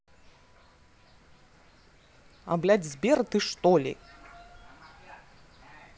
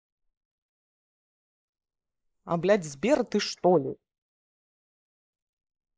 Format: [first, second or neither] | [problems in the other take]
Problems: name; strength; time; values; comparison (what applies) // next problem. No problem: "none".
first | noise reduction (neural mask model Resemble Enhance denoiser)